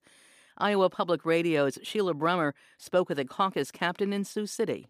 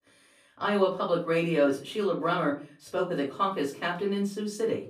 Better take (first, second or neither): first